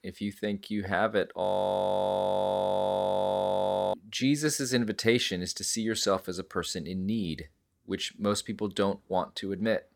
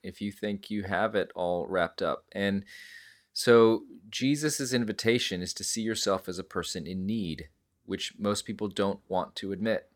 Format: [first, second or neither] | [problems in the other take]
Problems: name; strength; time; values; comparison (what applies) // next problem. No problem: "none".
second | audio freezing; at 1.5 s for 2.5 s